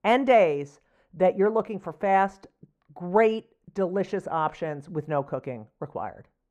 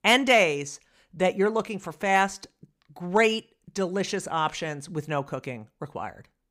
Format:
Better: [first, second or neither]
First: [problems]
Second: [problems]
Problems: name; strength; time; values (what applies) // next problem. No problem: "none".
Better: second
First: muffled; very; fading above 2.5 kHz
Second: none